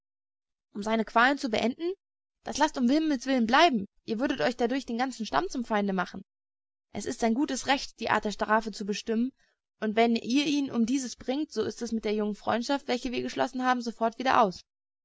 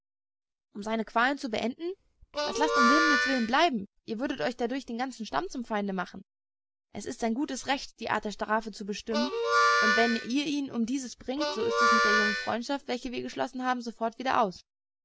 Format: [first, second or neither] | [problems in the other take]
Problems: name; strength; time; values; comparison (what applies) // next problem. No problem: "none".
first | background sound (Harmonica); 3 dB above the speech